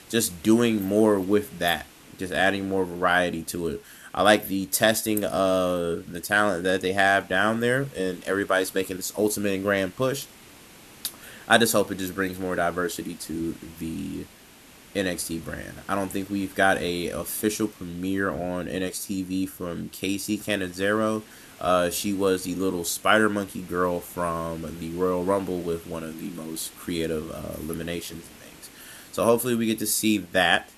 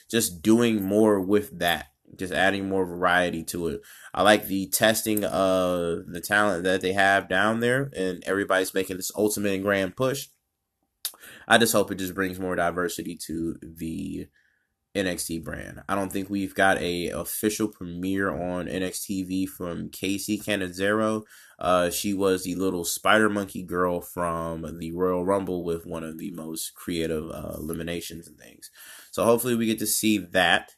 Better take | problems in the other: second | hiss; faint; throughout; 25 dB below the speech

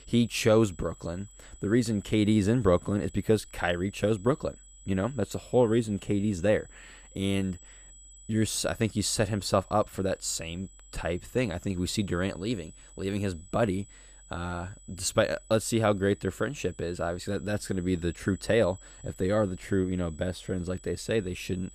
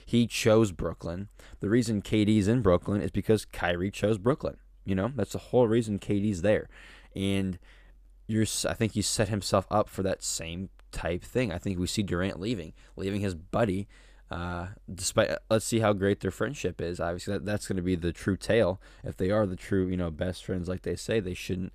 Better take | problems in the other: second | high-pitched whine; faint; throughout; 8 kHz, 25 dB below the speech

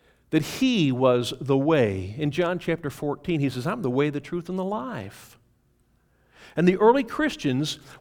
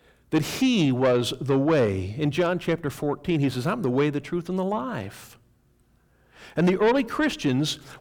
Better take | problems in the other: first | distortion; slight; 10 dB below the speech

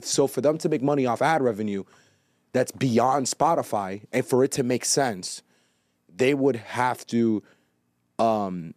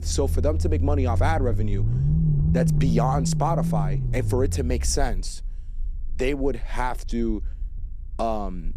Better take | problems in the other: first | low rumble; loud; throughout; 8 dB below the speech

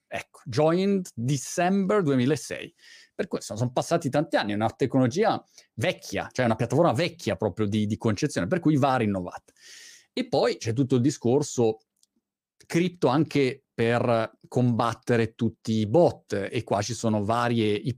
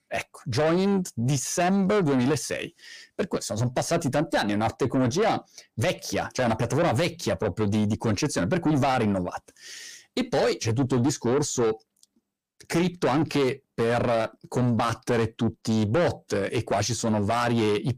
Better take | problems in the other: first | distortion; heavy; 8 dB below the speech

